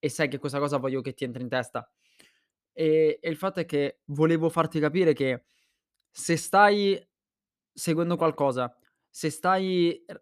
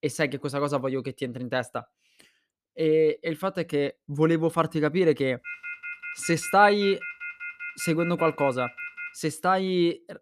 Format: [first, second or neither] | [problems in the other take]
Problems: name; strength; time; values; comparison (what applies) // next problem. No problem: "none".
first | phone ringing; noticeable; from 5.5 to 9 s; peak 9 dB below the speech